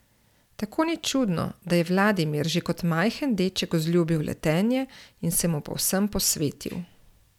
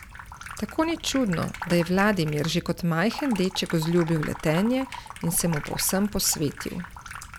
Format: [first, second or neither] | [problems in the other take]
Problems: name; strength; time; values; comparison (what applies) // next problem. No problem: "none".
first | background sound (Sink (filling or washing) / Water tap, faucet); 13 dB below the speech